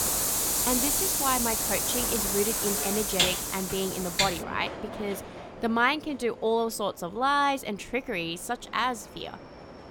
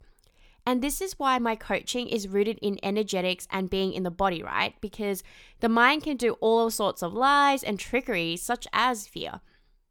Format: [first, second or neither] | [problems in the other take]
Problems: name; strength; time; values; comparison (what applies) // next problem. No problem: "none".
second | train or aircraft noise; very loud; throughout; 4 dB above the speech